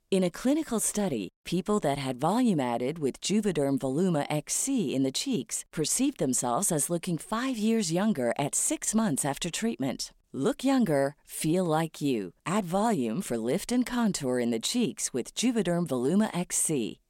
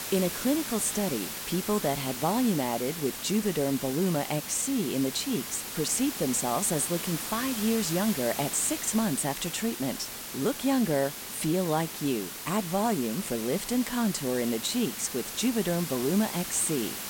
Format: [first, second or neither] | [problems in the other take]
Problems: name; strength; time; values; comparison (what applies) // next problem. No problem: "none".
first | hiss; loud; throughout; 6 dB below the speech